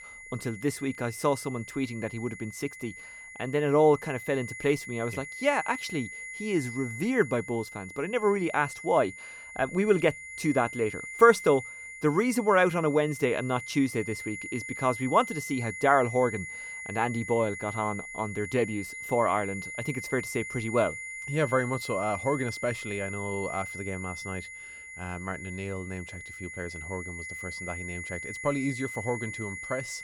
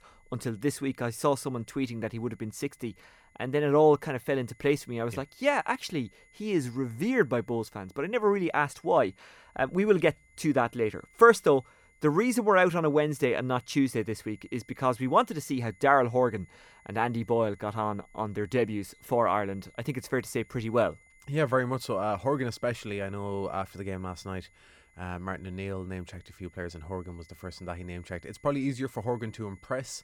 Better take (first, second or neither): second